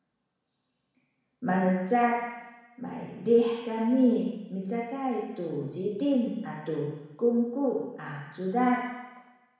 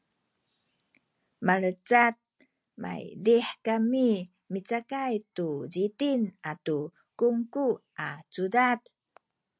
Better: second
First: room echo; dies away in 1.1 s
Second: none

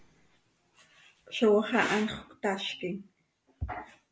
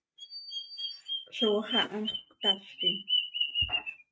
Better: first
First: none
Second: noise reduction (neural mask model RNNoise)

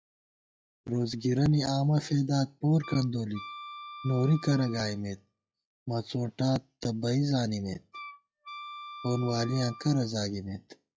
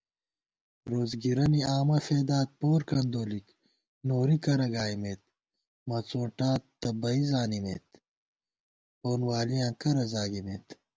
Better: second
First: noise reduction (classical method log-MMSE)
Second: none

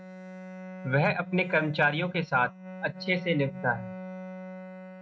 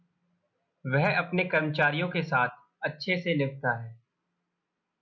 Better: second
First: noise reduction (neural mask model RNNoise)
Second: none

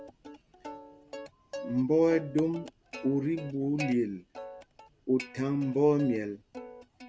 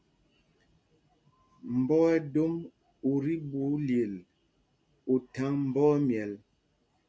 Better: second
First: background sound (Plucked string instrument); 14 dB below the speech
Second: none

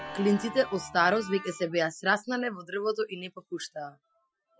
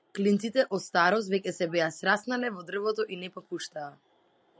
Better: second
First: noise reduction (classical method Wiener filter)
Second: none

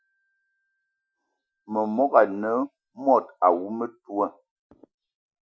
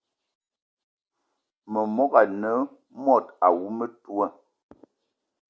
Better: second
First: noise reduction (classical method Wiener filter)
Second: none

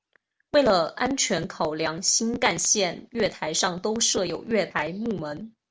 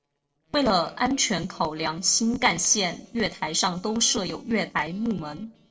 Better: first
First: none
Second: noise reduction (neural separator model SepFormer DNS4)

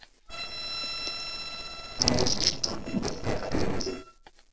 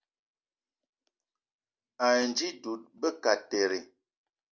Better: second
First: noise reduction (neural separator model SepFormer DNS4)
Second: none

